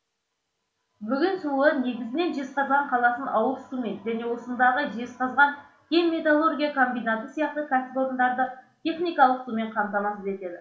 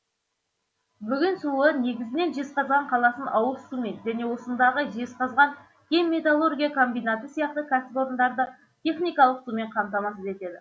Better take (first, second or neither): second